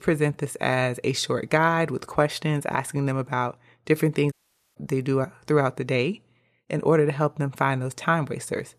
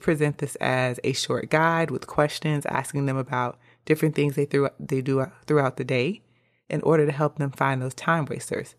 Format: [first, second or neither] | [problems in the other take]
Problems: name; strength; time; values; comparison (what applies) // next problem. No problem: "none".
second | audio cutting out; at 4.5 s